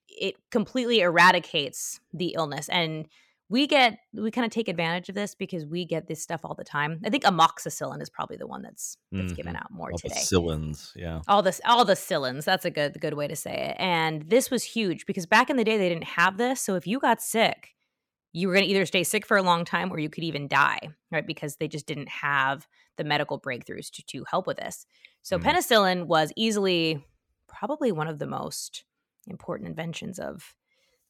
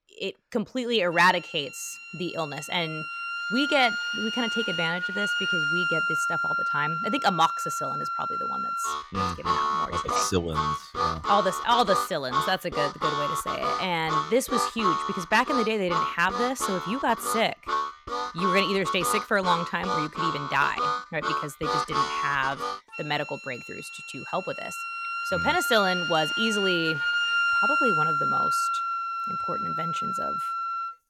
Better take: first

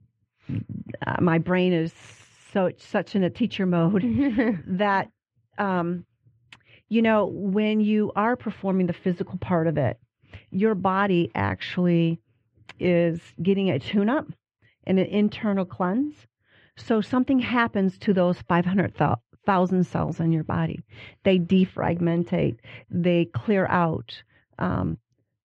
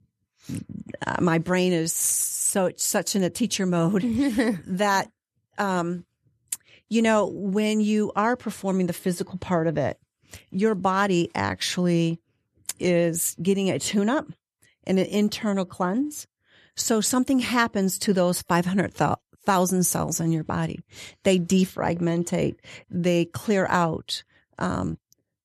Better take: second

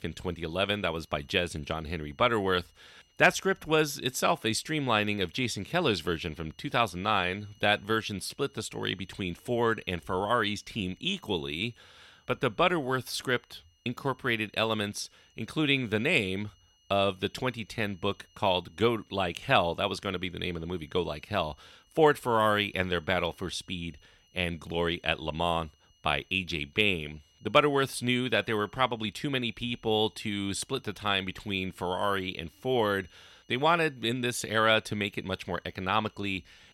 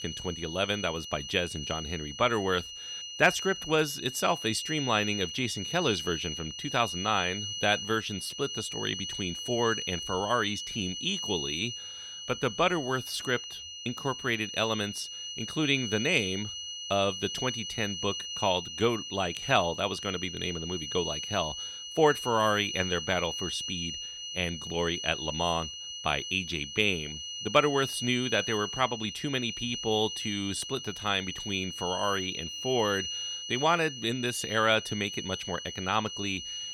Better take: first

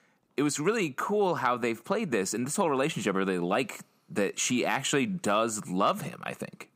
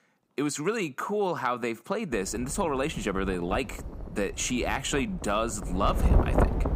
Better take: first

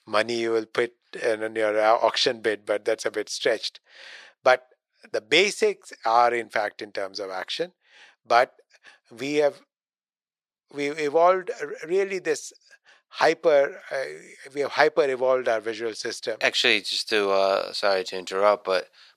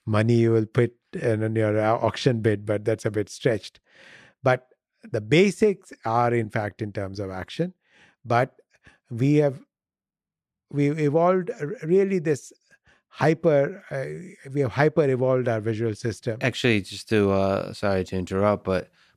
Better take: second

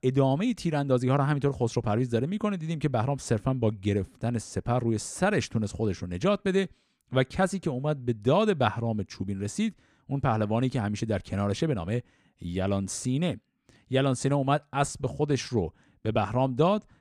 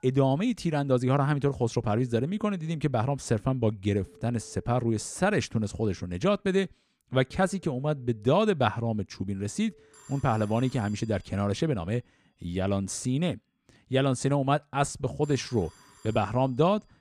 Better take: first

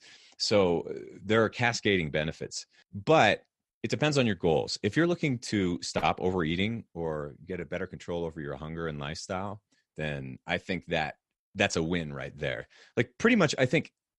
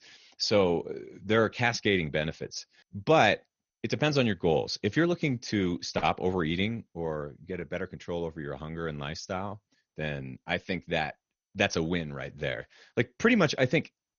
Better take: first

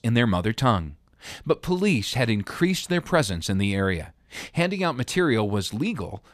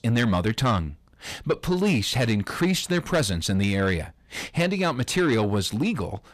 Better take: first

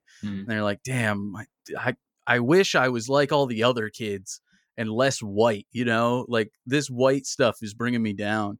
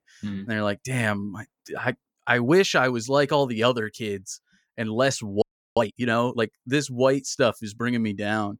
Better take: first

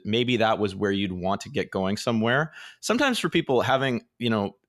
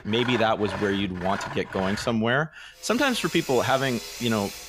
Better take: first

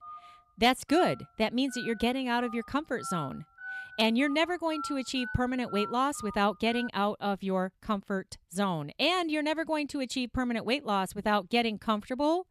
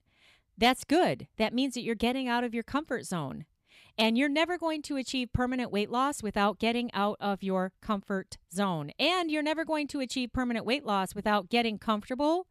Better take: second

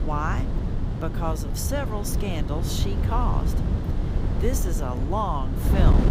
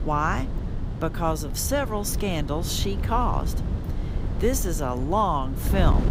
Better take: second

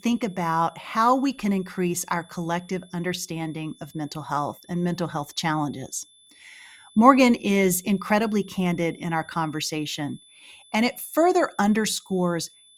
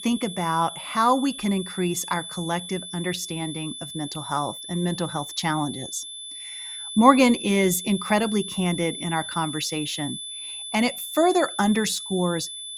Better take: first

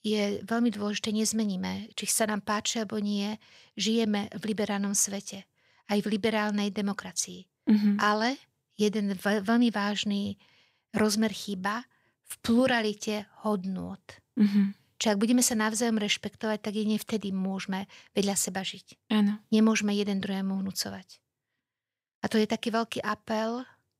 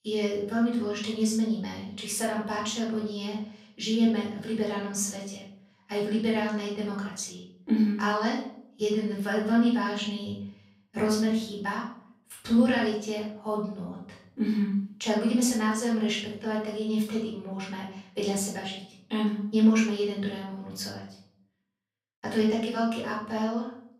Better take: first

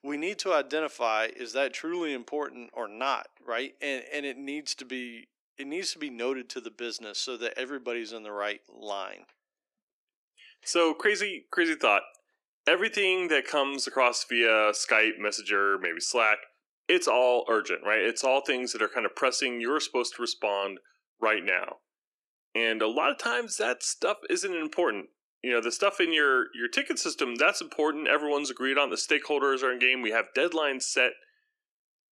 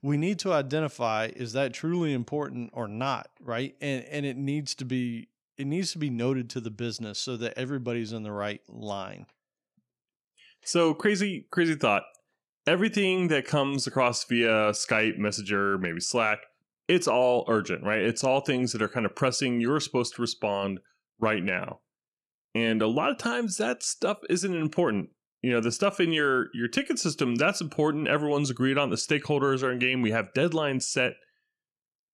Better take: second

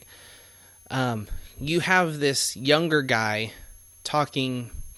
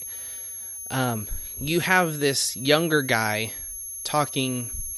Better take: first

